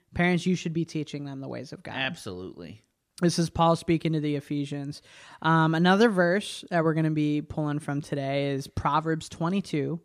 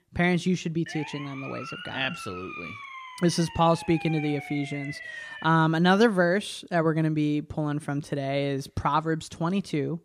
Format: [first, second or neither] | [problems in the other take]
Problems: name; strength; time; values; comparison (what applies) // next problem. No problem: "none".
first | siren; faint; from 1 to 5.5 s; peak 10 dB below the speech